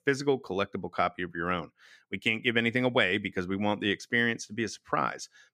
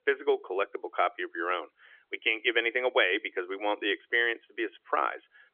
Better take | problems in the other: first | phone-call audio; nothing above 3.5 kHz

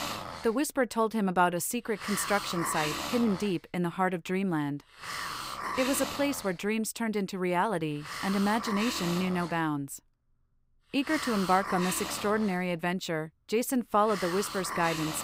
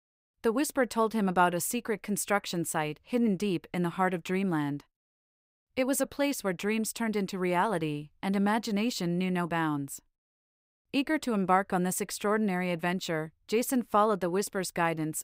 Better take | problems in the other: second | hiss; loud; throughout; 6 dB below the speech

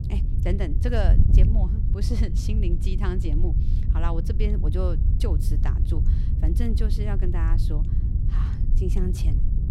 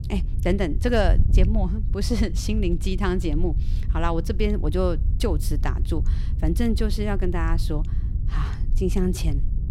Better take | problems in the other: second | wind noise on the microphone; heavy; 4 dB below the speech; occasional gusts in the second

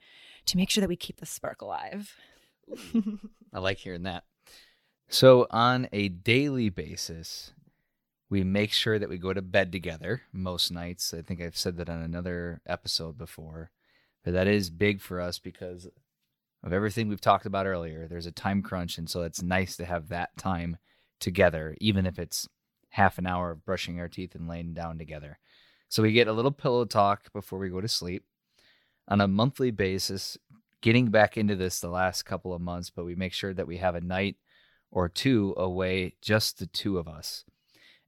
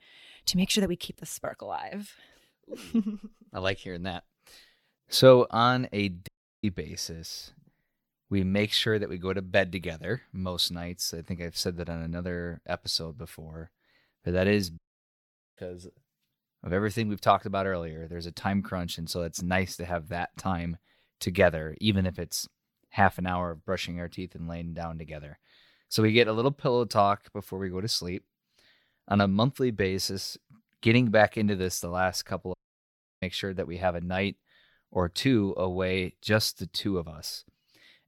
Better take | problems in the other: first | audio cutting out; at 6.5 s, at 15 s for 1 s and at 33 s for 0.5 s

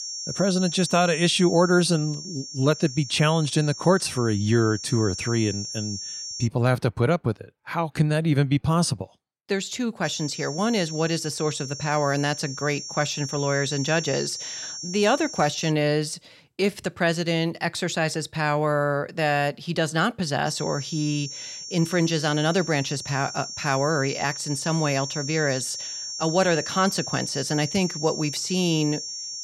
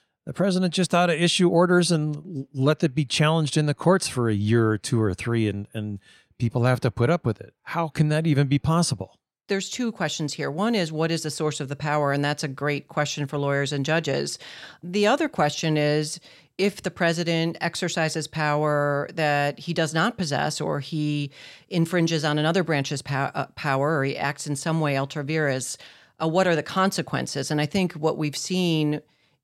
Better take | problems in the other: second | high-pitched whine; loud; until 6.5 s, from 10 to 16 s and from 20 s on; 5.5 kHz, 8 dB below the speech

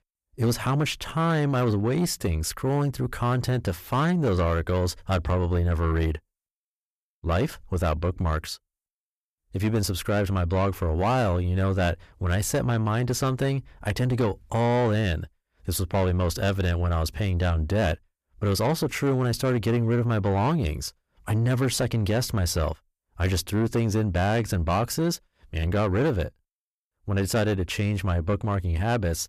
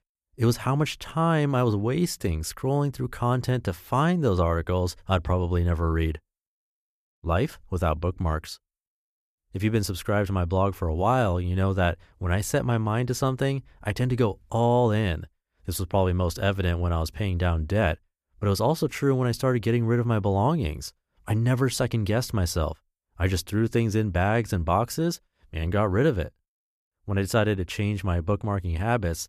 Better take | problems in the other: second | distortion; slight; 10 dB below the speech

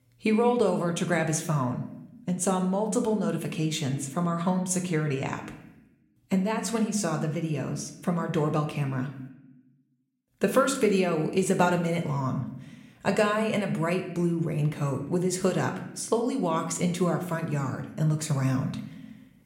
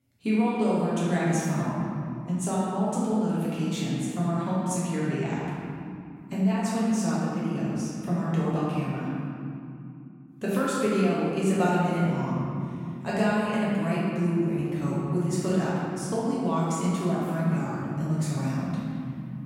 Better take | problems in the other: first | room echo; strong; dies away in 2.8 s; slight in the first // off-mic speech; far

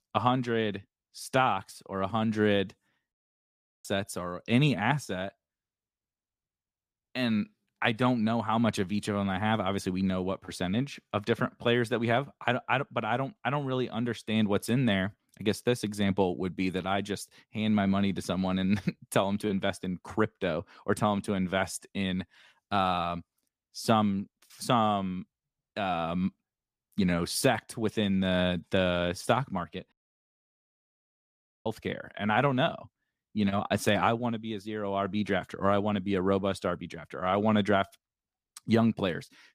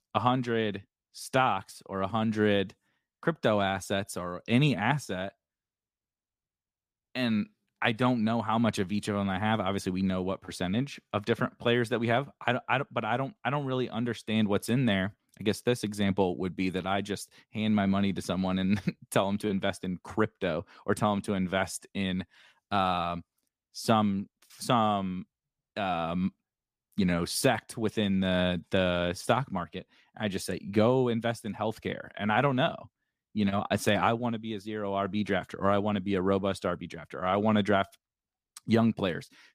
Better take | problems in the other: second | audio cutting out; at 3 s for 0.5 s and at 30 s for 1.5 s

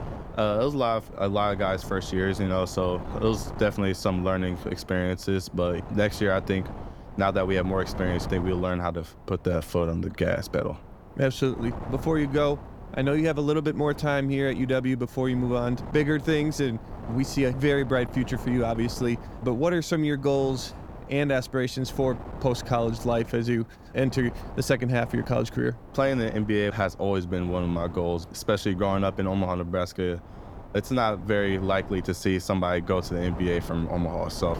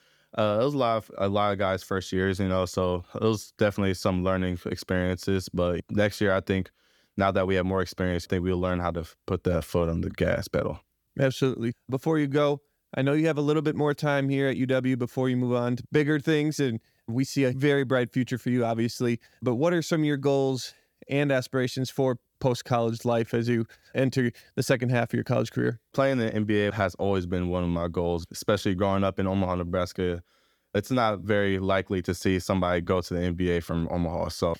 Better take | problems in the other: second | wind noise on the microphone; occasional gusts; 15 dB below the speech

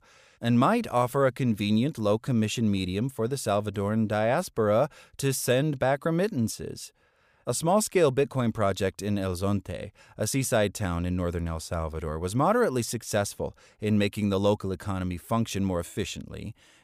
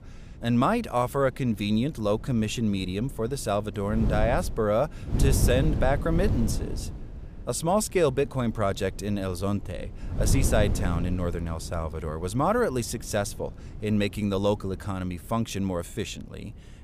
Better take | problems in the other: first | wind noise on the microphone; occasional gusts; 15 dB below the speech

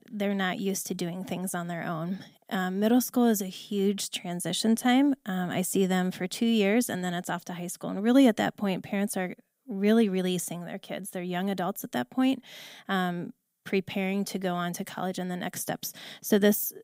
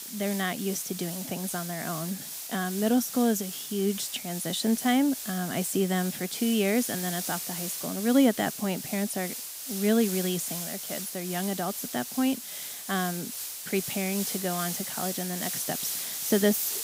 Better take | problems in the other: first | hiss; loud; throughout; 5 dB below the speech

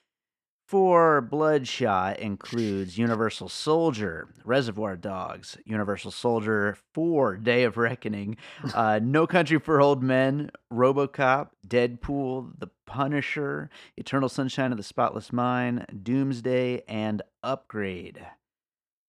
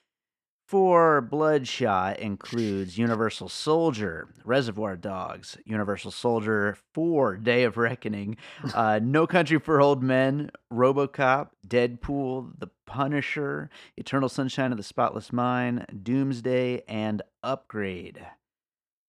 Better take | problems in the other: neither | none

